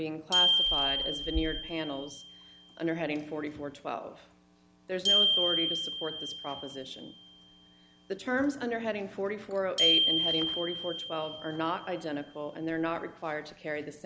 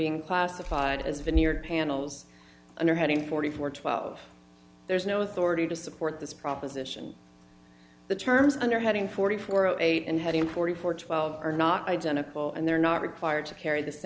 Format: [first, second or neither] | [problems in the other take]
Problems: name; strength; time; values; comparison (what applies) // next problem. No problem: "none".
second | background sound (Glockenspiel); 2 dB above the speech